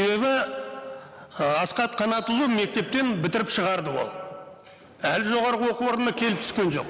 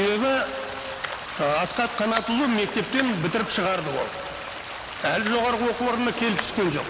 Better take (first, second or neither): first